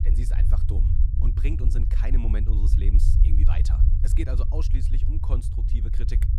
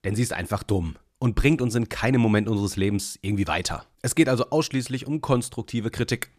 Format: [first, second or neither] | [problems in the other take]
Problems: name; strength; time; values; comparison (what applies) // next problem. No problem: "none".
second | low rumble; loud; throughout; 1 dB below the speech